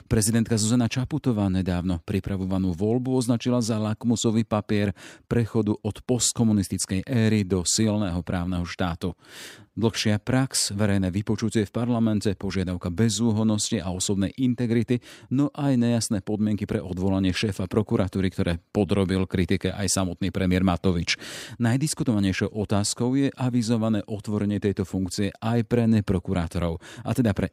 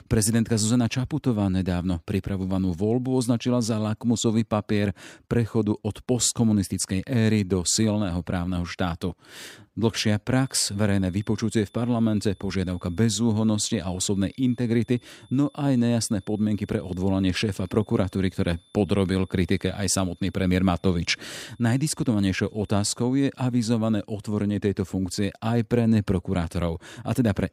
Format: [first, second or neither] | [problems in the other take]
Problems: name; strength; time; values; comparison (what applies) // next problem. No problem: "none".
first | high-pitched whine; faint; from 10 to 23 s; 3.5 kHz, 35 dB below the speech